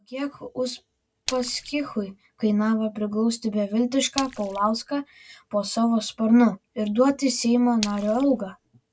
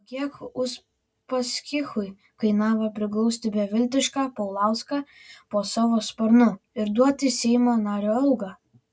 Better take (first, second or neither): second